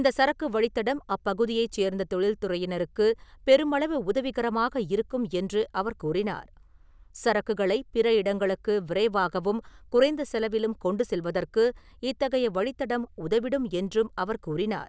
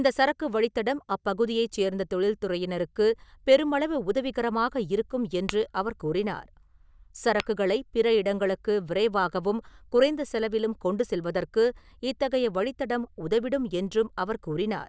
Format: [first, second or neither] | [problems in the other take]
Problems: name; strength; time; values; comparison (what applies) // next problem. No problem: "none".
first | noise reduction (neural mask model DeepFilterNet 3)